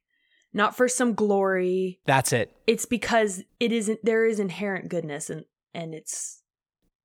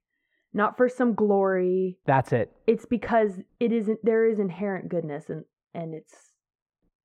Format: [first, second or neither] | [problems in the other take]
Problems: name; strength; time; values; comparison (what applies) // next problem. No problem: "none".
first | muffled; very; fading above 3 kHz